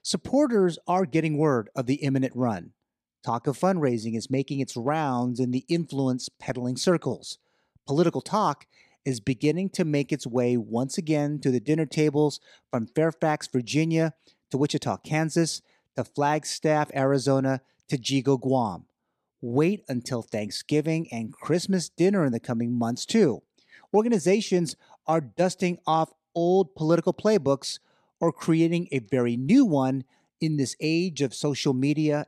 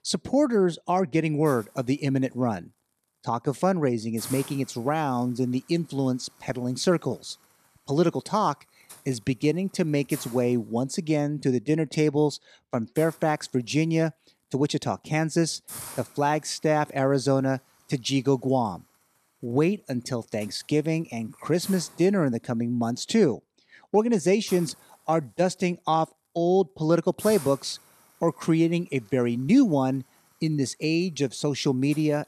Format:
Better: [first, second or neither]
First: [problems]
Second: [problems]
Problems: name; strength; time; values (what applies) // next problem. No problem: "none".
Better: first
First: none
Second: hiss; noticeable; throughout; 20 dB below the speech